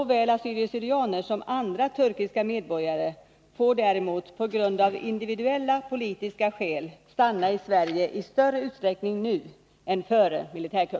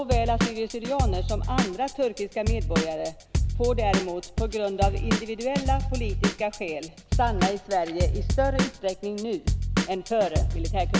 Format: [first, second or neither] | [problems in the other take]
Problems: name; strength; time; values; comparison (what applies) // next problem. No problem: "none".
first | background sound (Drum / Drum kit); 2 dB above the speech